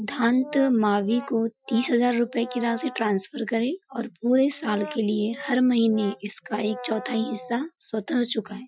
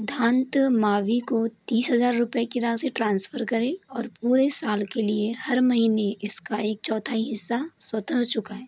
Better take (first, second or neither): second